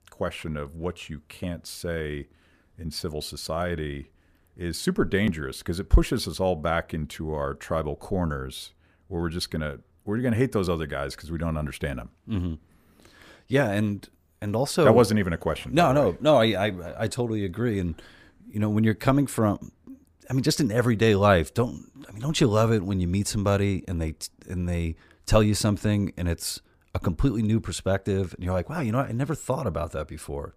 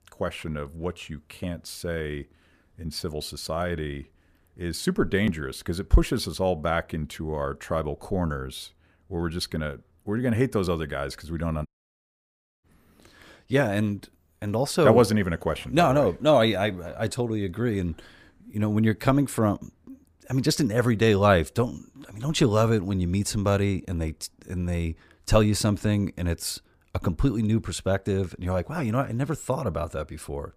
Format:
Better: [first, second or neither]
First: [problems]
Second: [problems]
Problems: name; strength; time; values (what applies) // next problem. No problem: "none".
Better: first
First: none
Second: audio cutting out; at 12 s for 1 s